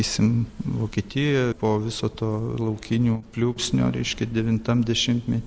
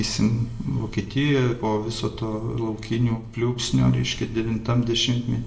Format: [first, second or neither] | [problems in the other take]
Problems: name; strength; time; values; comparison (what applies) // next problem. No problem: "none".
first | room echo; dies away in 0.6 s